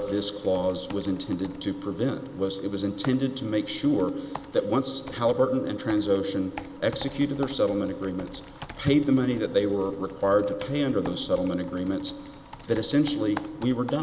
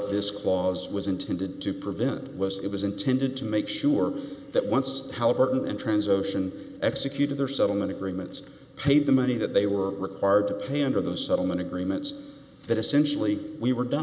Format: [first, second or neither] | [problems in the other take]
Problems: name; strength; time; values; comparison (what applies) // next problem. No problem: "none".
second | background sound (Computer keyboard); 18 dB below the speech